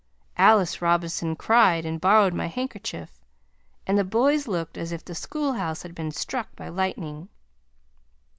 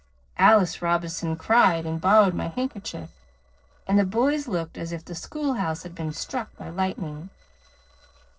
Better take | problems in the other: first | noise reduction (neural separator model SepFormer DNS4)

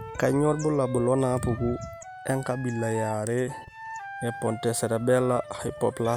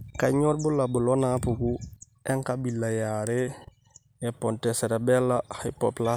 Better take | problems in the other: second | background sound (Wind instrument, woodwind instrument); 13 dB below the speech

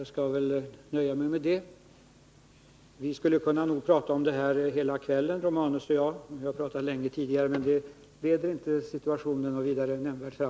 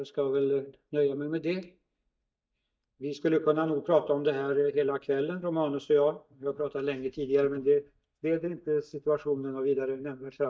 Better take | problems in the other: first | noise reduction (neural mask model DeepFilterNet 3)

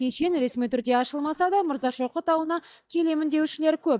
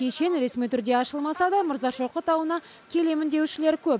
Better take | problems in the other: second | noise reduction (neural mask model DeepFilterNet 3)

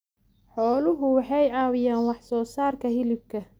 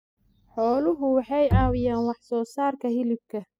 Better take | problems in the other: first | noise reduction (classical method spectral subtraction)

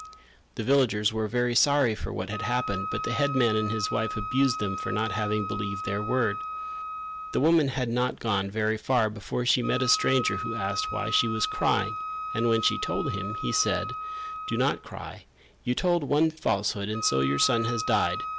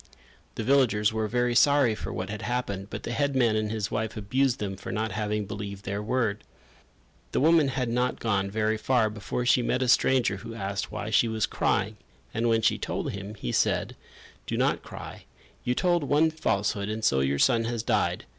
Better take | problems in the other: second | background sound (Wind instrument, woodwind instrument); 8 dB below the speech

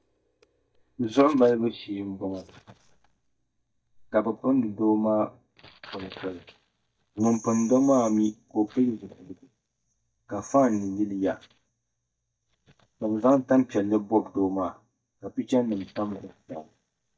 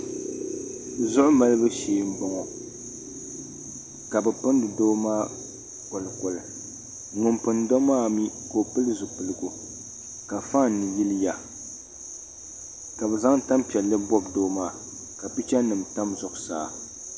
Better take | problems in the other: second | noise reduction (neural mask model DeepFilterNet 3)

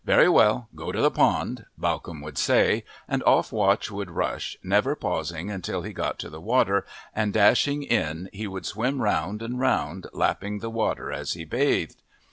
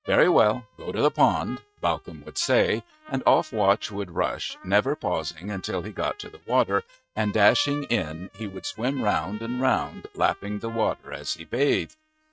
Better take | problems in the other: first | noise reduction (neural mask model RNNoise)

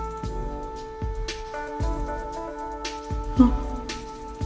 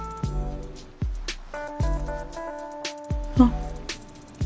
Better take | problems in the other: second | background sound (Wind instrument, woodwind instrument); 10 dB below the speech // room echo; dies away in 1.9 s

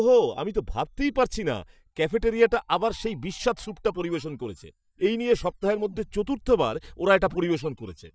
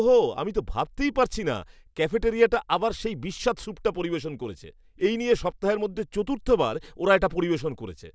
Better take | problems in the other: second | noise reduction (neural mask model DeepFilterNet 3)

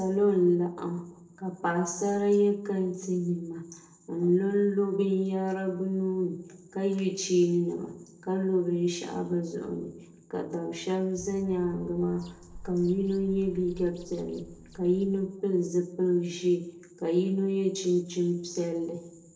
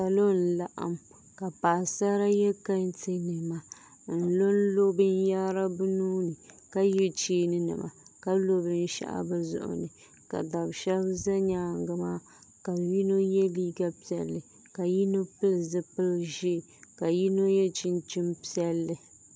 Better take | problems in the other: second | noise reduction (neural separator model SepFormer DNS4)

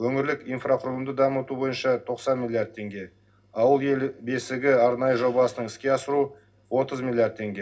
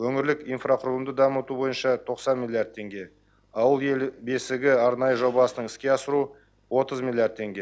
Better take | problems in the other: second | room echo; dies away in 0.4 s

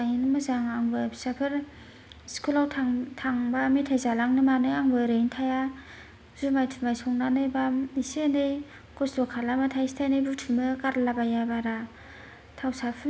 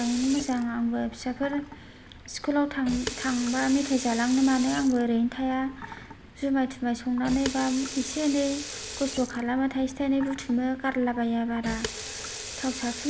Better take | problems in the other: first | background sound (Sink (filling or washing) / Water tap, faucet); 12 dB below the speech

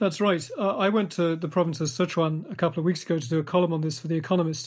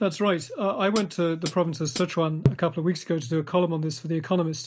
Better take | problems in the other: first | background sound (Hi-hat); 6 dB below the speech

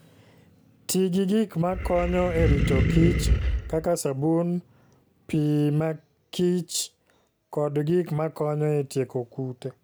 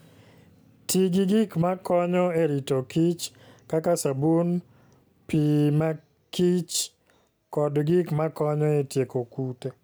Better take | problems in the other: second | background sound (Animal); 2 dB above the speech

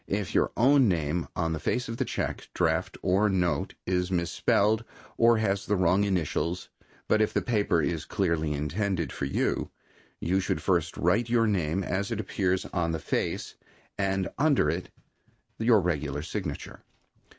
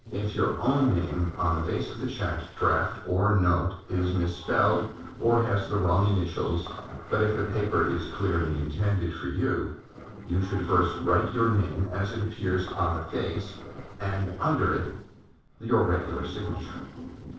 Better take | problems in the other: first | noise reduction (neural separator model SepFormer DNS4)

